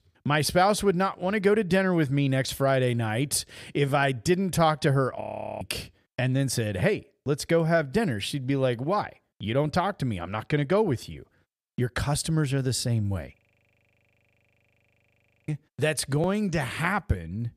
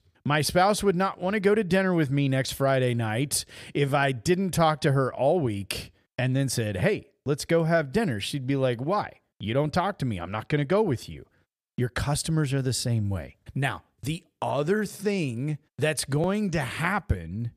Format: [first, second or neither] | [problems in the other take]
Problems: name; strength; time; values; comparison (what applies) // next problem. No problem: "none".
second | audio freezing; at 5 s and at 13 s for 2 s